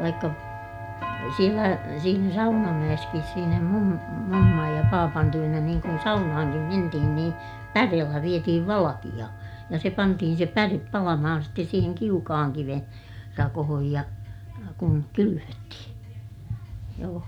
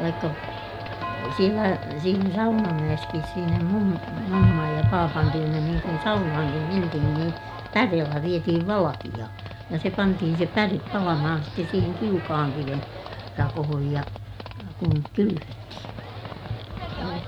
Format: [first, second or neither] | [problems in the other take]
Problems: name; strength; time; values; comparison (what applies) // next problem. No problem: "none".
first | background sound (Livestock, farm animals, working animals); 14 dB below the speech